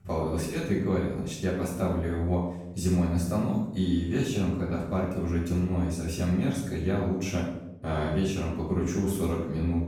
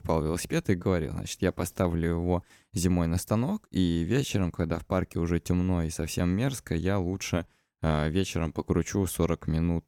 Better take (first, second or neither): second